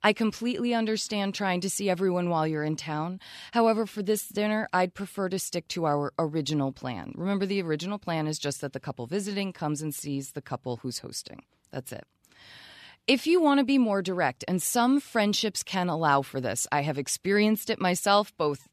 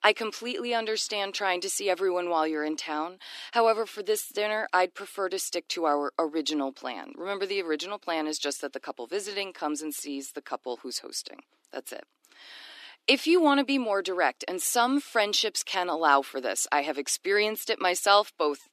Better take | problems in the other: first | thin; somewhat; fading below 300 Hz

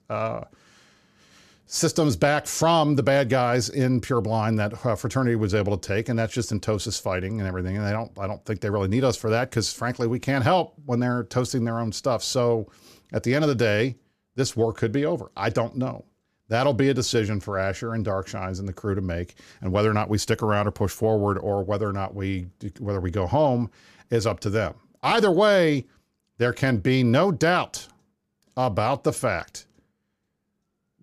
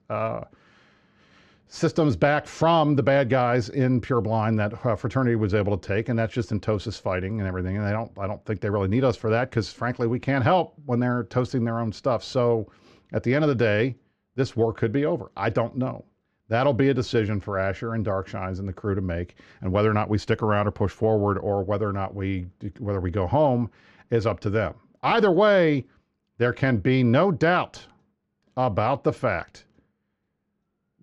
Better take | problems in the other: first | muffled; slightly; fading above 3 kHz

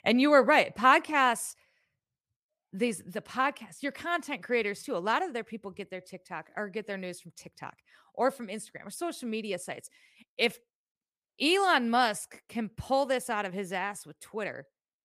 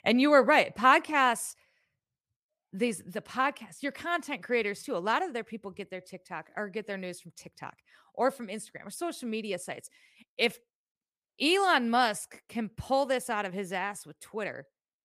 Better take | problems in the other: neither | none

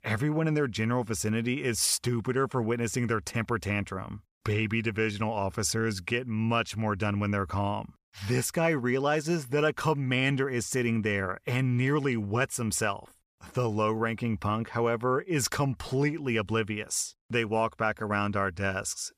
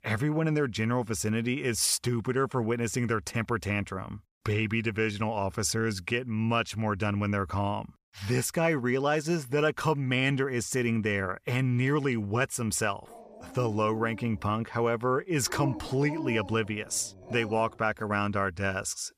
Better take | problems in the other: first | dog barking; noticeable; from 13 to 18 s; peak 8 dB below the speech

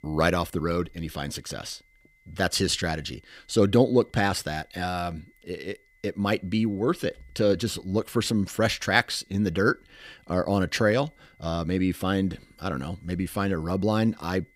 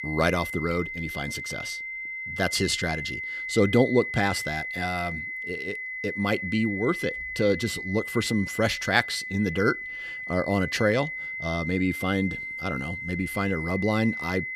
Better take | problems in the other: first | high-pitched whine; loud; throughout; 2 kHz, 5 dB below the speech; faint in the first

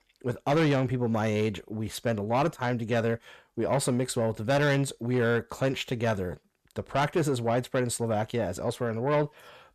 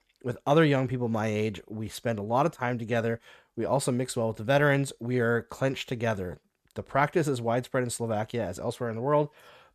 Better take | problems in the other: second | distortion; slight; 10 dB below the speech

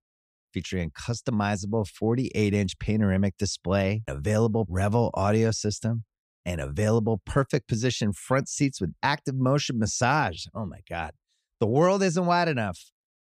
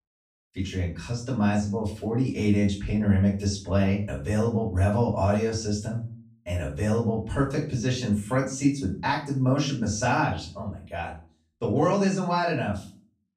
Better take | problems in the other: first | room echo; slight; dies away in 0.4 s // off-mic speech; far

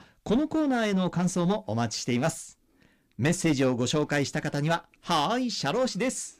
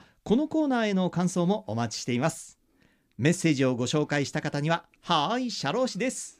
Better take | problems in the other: second | distortion; slight; 7% of the sound clipped

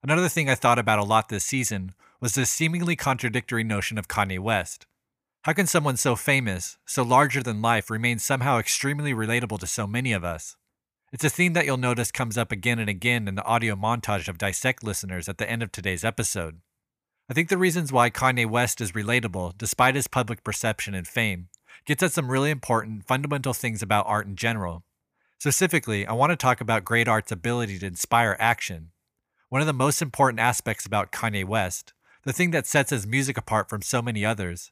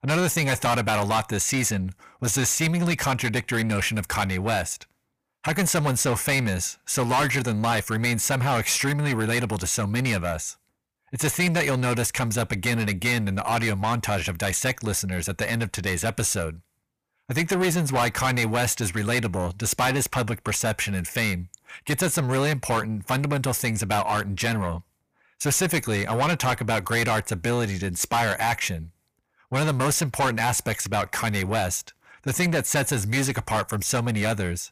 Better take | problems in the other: first | distortion; heavy; 6 dB below the speech

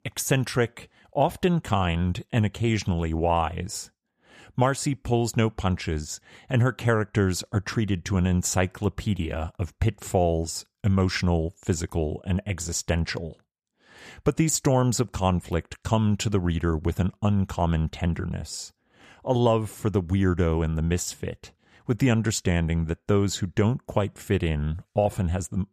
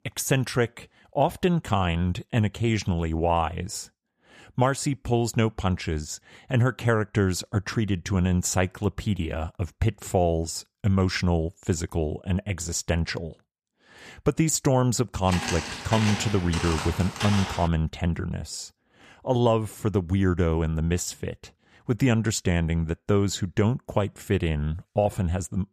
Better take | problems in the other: first | footsteps; noticeable; from 15 to 18 s; peak 4 dB below the speech

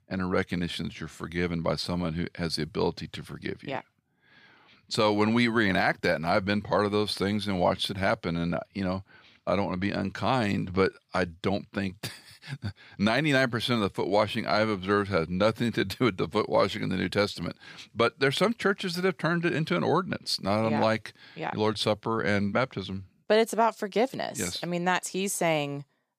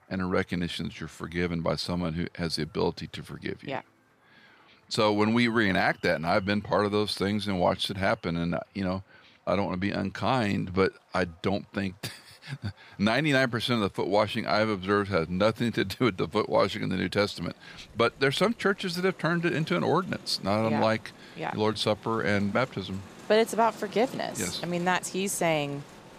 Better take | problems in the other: first | crowd noise; faint; throughout; 25 dB below the speech

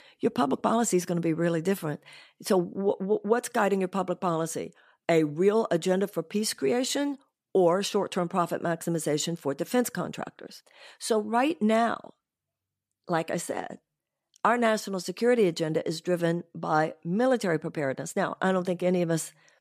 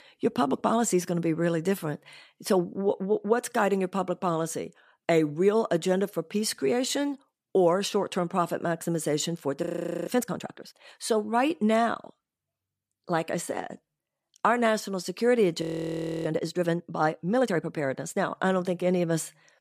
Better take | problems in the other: first | audio freezing; at 9.5 s and at 16 s for 0.5 s

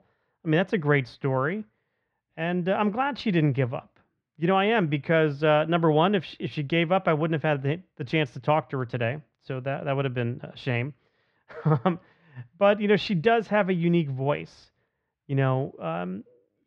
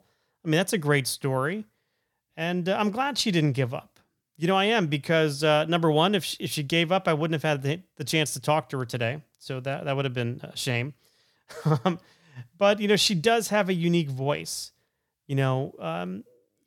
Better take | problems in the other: second | muffled; very; fading above 2.5 kHz

